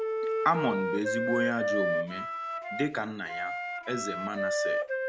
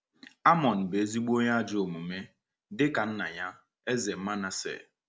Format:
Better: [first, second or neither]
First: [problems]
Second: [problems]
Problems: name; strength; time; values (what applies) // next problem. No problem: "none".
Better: second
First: background sound (Wind instrument, woodwind instrument); 2 dB above the speech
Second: none